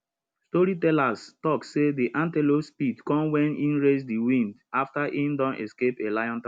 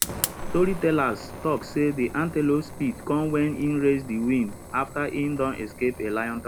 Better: first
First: none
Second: background sound (Fire); 10 dB below the speech

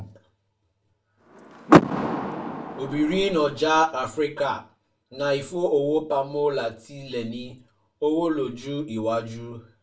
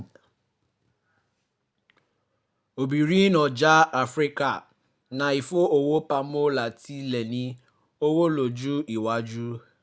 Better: second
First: background sound (Door / Car); 3 dB above the speech // room echo; dies away in 0.3 s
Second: none

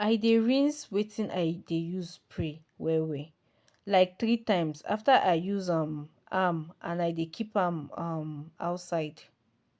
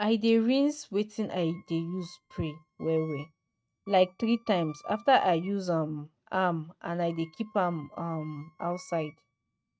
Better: first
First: none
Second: noise reduction (neural mask model RNNoise)

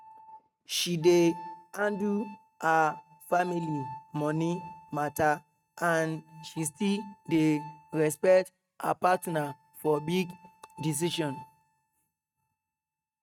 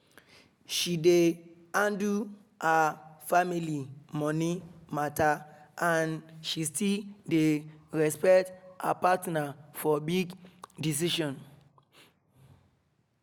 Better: second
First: noise reduction (neural mask model RNNoise)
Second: none

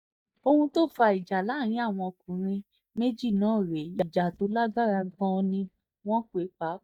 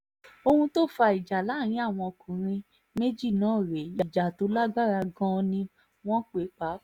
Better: second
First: noise reduction (neural mask model DeepFilterNet 3)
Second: none

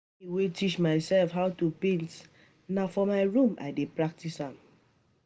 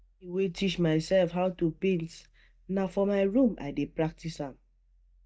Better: first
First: none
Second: noise reduction (neural mask model DeepFilterNet 3)

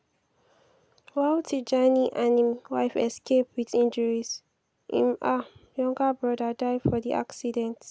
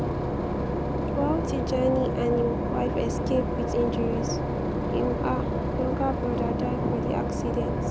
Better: first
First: none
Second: background sound (Engine / Boat, Water vehicle); 3 dB above the speech

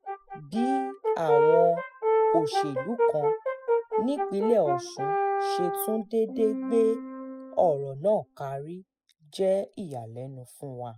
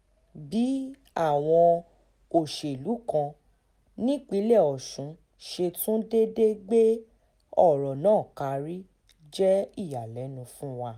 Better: second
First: noise reduction (classical method spectral subtraction)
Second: none

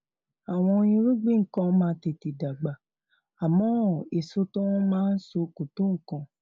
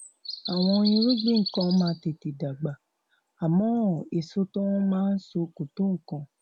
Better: first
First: none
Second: background sound (Bird vocalization, bird call, bird song); 14 dB below the speech

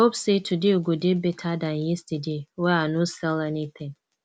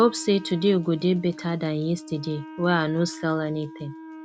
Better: first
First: none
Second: background sound (Wind instrument, woodwind instrument); 16 dB below the speech

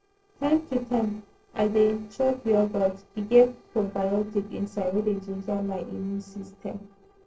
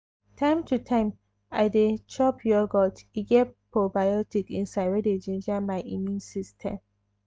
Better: second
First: noise reduction (neural separator model SepFormer DNS4)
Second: none

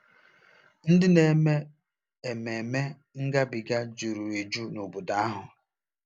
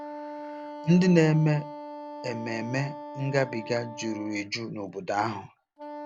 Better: first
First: none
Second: background sound (Wind instrument, woodwind instrument); 13 dB below the speech

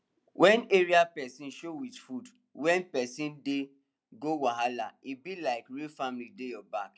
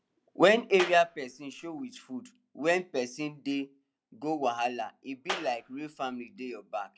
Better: first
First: none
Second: background sound (Clapping); 10 dB below the speech

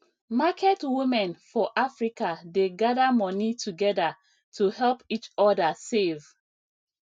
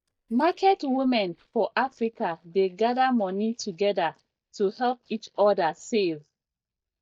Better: first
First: none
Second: noise reduction (neural mask model DeepFilterNet 3)

